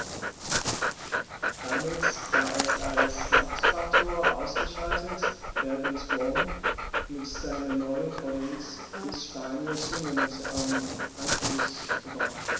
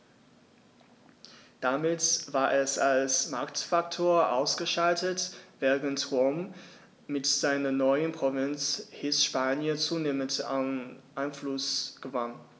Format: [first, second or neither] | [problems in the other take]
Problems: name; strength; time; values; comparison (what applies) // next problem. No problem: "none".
second | background sound (Dog); 4 dB above the speech // room echo; dies away in 1 s